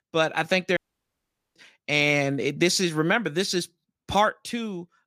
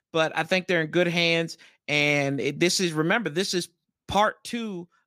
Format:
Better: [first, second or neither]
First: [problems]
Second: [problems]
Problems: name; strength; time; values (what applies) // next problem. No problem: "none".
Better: second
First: audio cutting out; at 1 s for 1 s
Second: none